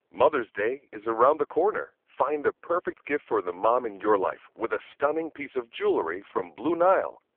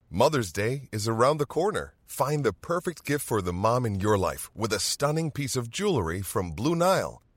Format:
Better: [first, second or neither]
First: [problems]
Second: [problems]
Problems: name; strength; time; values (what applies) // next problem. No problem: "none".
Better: second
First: phone-call audio; poor line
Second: none